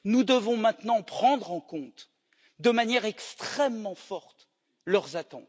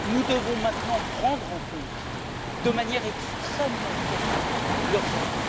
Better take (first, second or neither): first